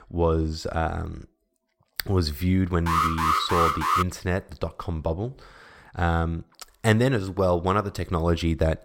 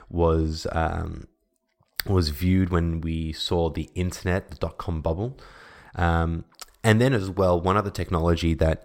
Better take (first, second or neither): second